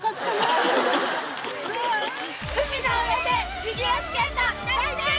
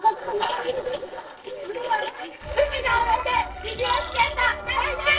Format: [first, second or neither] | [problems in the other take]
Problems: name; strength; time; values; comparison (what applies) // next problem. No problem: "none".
first | noise reduction (neural separator model SepFormer DNS4)